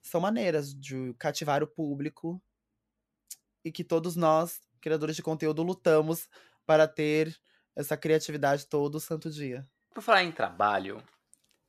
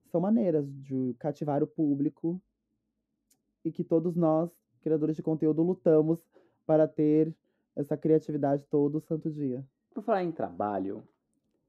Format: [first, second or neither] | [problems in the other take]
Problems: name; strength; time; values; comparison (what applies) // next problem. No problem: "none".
first | muffled; very; fading above 1 kHz